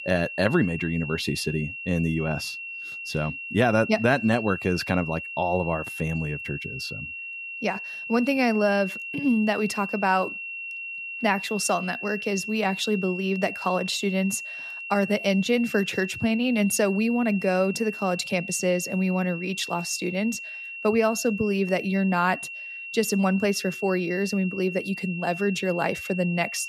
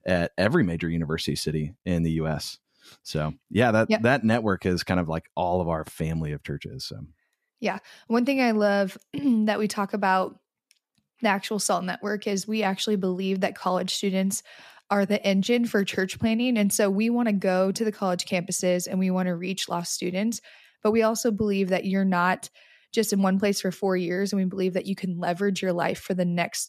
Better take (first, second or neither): second